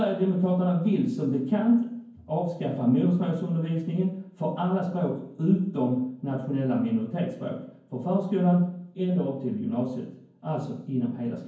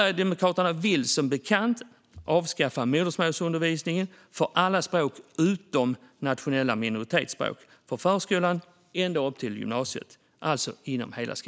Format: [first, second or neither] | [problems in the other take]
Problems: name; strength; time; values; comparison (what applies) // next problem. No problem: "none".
second | room echo; dies away in 0.9 s